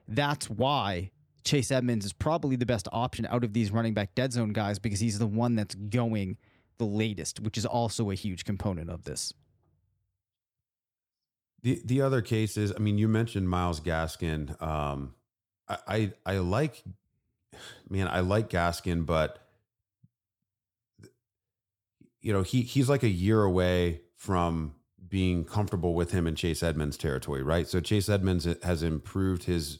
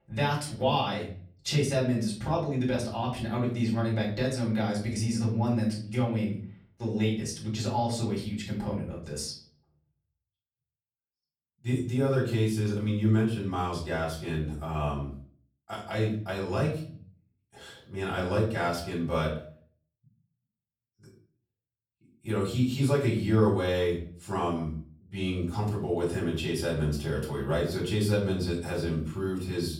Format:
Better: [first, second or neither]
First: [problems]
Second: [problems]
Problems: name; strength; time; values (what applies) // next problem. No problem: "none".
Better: first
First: none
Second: off-mic speech; far // room echo; slight; dies away in 0.4 s